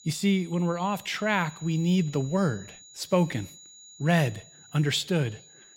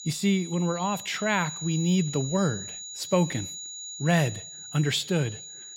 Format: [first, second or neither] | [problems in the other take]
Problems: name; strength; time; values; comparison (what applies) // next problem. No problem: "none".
first | high-pitched whine; loud; throughout; 7 kHz, 9 dB below the speech; faint in the first